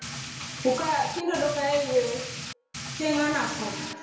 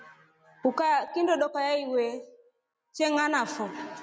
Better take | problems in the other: second | background sound (Rain); 8 dB below the speech // room echo; dies away in 0.5 s

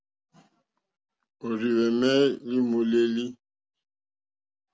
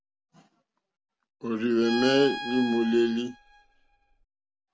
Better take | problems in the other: first | background sound (Bowed string instrument); 9 dB below the speech

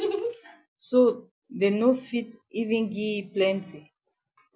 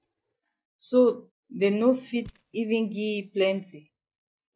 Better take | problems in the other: first | noise reduction (neural mask model DeepFilterNet 3)

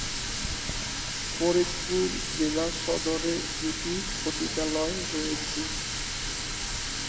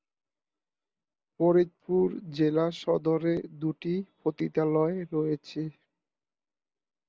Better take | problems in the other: second | background sound (Water tap, faucet); as loud as the speech // room echo; dies away in 1 s

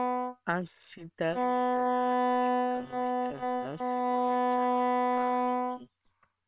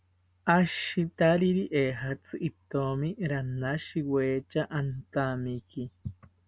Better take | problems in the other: second | noise reduction (neural separator model SepFormer WHAM!)

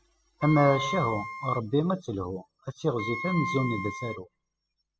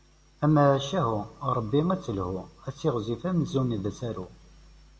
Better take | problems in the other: second | noise reduction (classical method spectral subtraction)

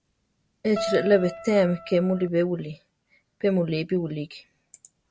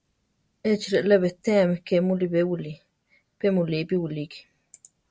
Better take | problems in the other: second | background sound (Keyboard (musical)); 9 dB below the speech

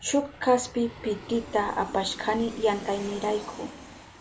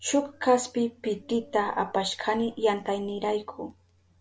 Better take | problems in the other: second | background sound (Aircraft); 14 dB below the speech

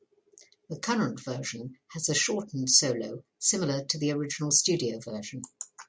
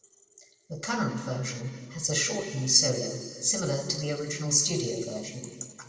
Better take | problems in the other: first | room echo; dies away in 2 s

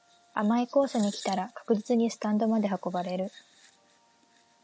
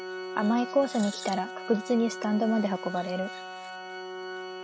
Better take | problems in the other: first | background sound (Organ); 10 dB below the speech

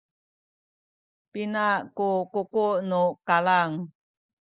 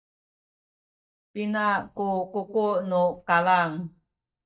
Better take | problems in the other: first | noise reduction (neural mask model DeepFilterNet 3)

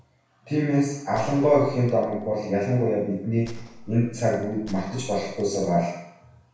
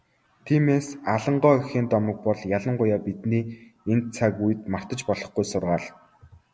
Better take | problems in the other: second | background sound (Gunshot, gunfire); 17 dB below the speech // room echo; dies away in 0.7 s

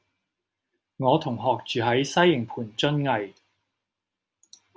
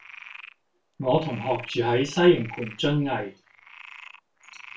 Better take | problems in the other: first | background sound (Frog); 19 dB below the speech // room echo; dies away in 0.2 s

